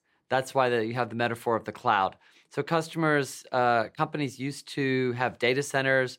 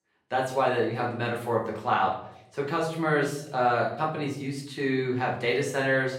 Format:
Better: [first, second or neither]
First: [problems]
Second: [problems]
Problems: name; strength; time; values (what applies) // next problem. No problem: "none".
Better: first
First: none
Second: room echo; noticeable; dies away in 0.6 s // off-mic speech; far